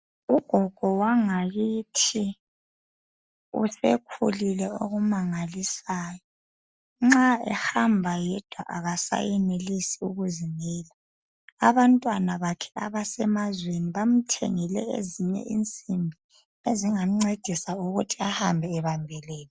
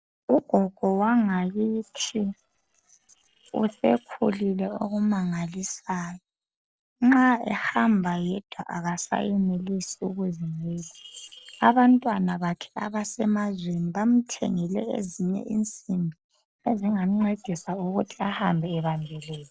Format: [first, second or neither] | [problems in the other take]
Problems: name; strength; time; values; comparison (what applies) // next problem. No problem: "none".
first | noise reduction (neural separator model SepFormer DNS4)